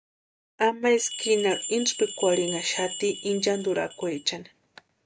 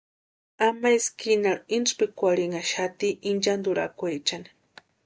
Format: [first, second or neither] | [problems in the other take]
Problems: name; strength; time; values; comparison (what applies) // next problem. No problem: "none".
second | background sound (Bell); 9 dB below the speech